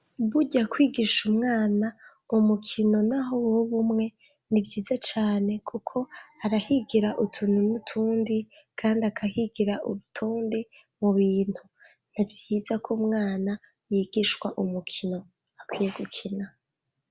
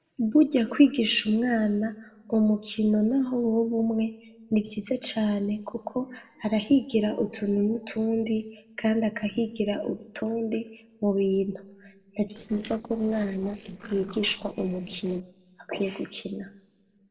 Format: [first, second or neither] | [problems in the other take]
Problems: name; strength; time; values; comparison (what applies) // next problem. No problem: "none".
first | noise reduction (neural separator model SepFormer DNS4)